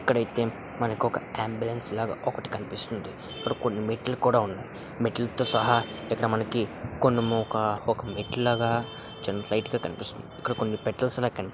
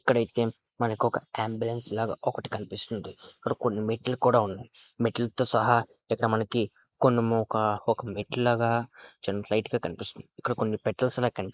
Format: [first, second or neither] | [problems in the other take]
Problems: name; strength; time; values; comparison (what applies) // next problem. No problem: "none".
first | noise reduction (neural mask model Resemble Enhance denoiser)